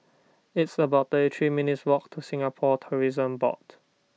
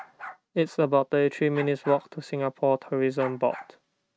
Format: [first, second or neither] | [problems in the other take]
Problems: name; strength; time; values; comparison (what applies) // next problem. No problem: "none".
first | noise reduction (neural mask model RNNoise)